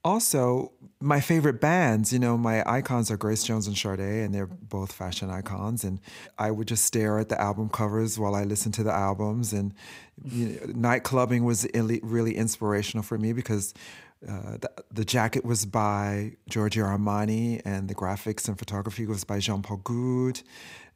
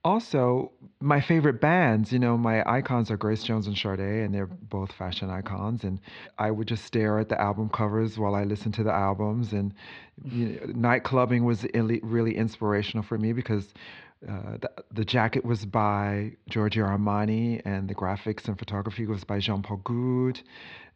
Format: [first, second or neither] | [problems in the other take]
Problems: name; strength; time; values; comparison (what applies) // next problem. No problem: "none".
first | muffled; slightly; fading above 4 kHz